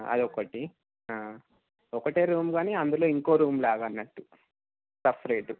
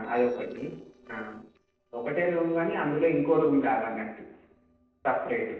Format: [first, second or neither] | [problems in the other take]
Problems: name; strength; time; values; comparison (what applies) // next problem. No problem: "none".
first | noise reduction (neural separator model SepFormer DNS4)